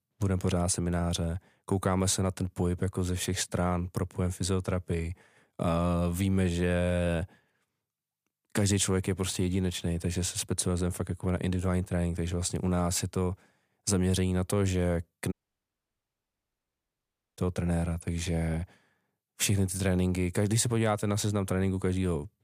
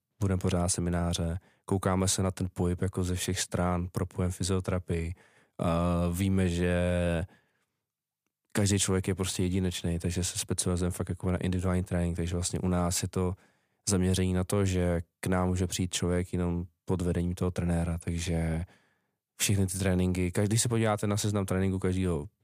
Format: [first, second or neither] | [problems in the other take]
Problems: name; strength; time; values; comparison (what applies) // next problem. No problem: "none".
second | audio cutting out; at 15 s for 2 s